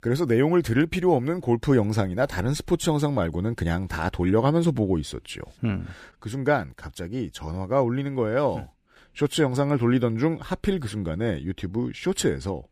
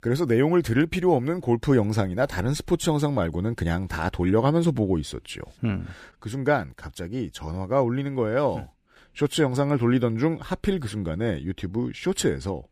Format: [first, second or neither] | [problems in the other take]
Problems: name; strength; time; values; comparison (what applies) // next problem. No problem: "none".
neither | none